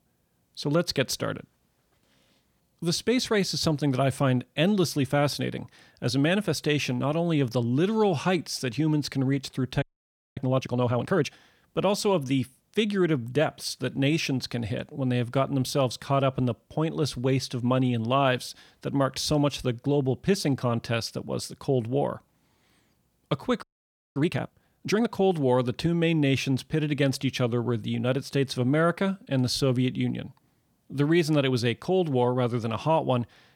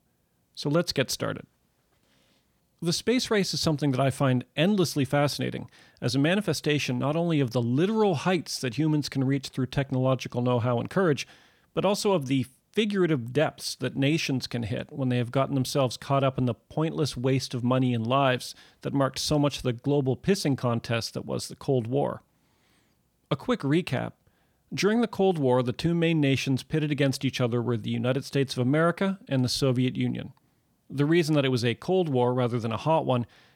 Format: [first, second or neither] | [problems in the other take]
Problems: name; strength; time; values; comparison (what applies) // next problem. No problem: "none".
second | audio freezing; at 10 s for 0.5 s and at 24 s for 0.5 s